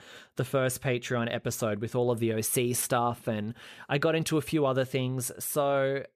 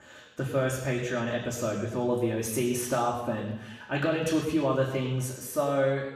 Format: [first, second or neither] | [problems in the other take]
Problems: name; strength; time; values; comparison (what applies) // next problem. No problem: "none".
first | room echo; noticeable; dies away in 0.9 s // off-mic speech; far